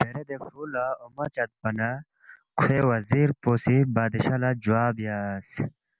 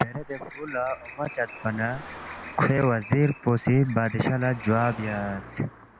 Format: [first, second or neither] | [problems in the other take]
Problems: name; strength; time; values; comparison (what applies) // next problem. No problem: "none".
first | background sound (Bird + Car passing by); 16 dB below the speech